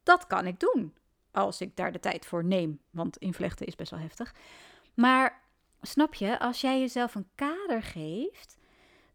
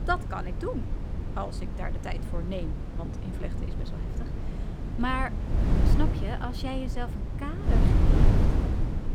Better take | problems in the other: first | wind noise on the microphone; heavy; 4 dB below the speech

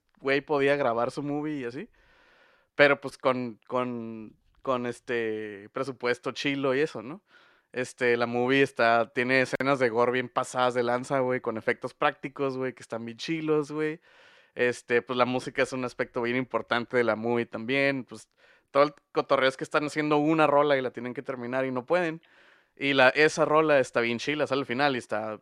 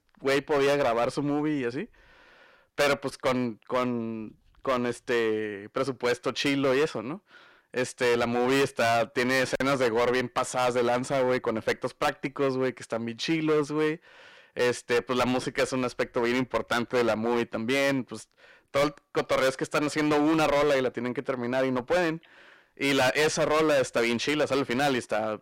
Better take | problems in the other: first | distortion; heavy; 12% of the sound clipped

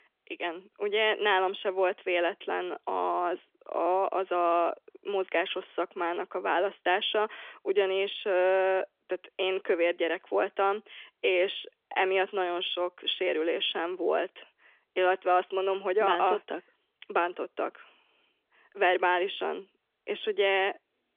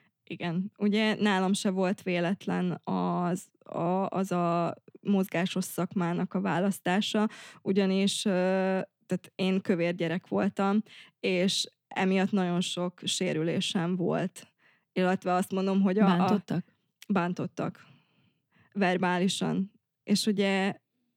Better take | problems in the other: second | phone-call audio; nothing above 3.5 kHz

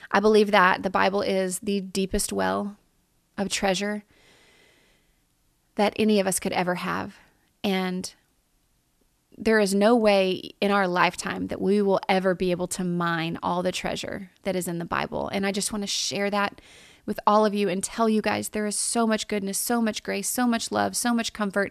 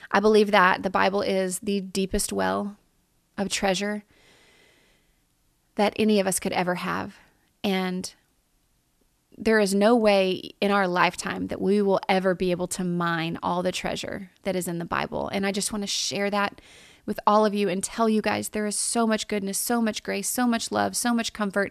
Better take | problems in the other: neither | none

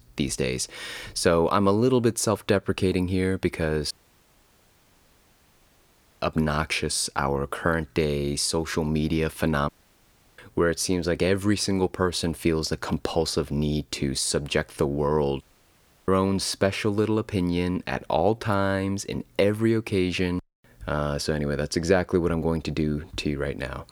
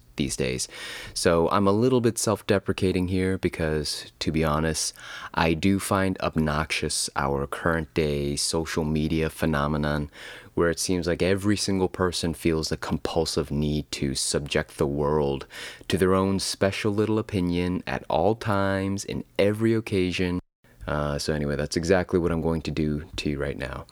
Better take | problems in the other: second | audio cutting out; at 4 s for 2.5 s, at 9.5 s for 0.5 s and at 15 s for 0.5 s

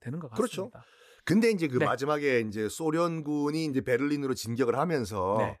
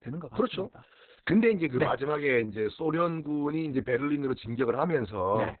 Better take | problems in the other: first | garbled, watery; badly; nothing above 4 kHz

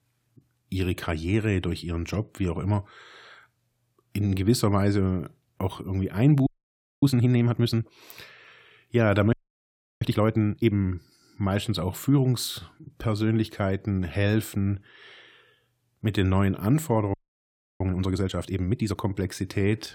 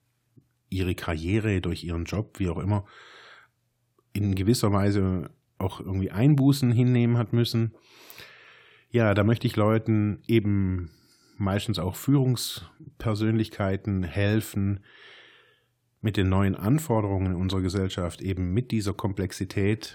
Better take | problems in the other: second | audio freezing; at 6.5 s for 0.5 s, at 9.5 s for 0.5 s and at 17 s for 0.5 s

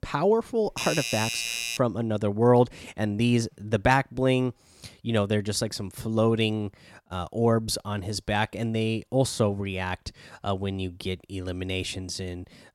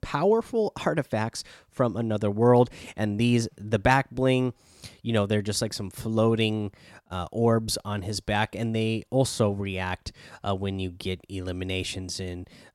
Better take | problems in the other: second | doorbell; noticeable; from 0.5 to 2 s; peak 1 dB below the speech

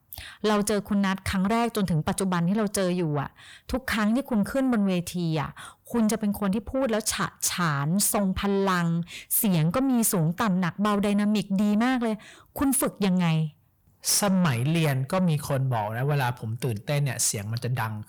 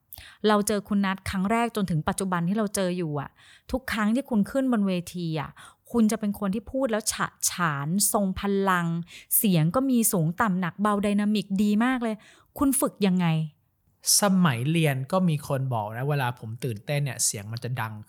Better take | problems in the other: second | distortion; slight; 10 dB below the speech

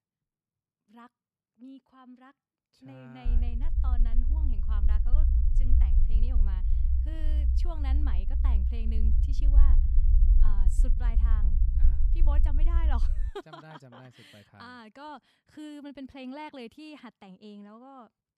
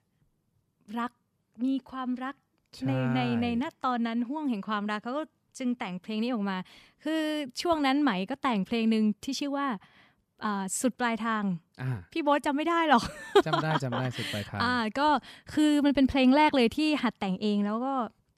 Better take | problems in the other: second | low rumble; loud; from 3.5 to 13 s; 3 dB below the speech

